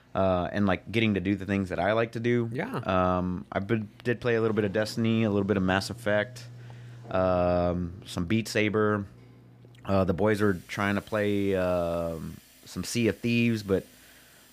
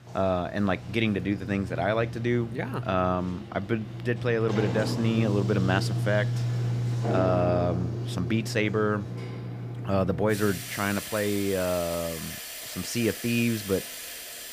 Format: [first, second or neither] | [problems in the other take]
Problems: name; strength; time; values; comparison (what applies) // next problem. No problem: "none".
first | household noises; loud; throughout; 5 dB below the speech; faint in the first